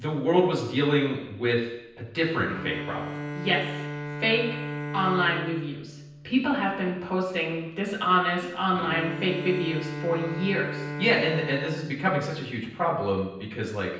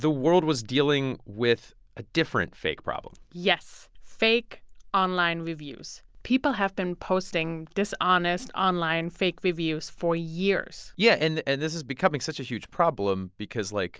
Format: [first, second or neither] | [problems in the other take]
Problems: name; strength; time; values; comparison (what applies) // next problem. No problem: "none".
second | background sound (Bowed string instrument); 10 dB below the speech // room echo; dies away in 0.9 s